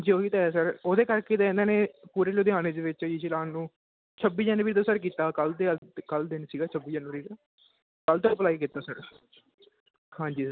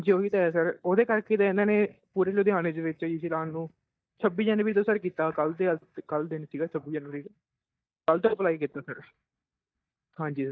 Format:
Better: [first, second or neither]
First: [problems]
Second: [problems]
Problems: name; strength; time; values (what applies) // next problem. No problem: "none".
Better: first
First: none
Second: noise reduction (neural mask model DeepFilterNet 3)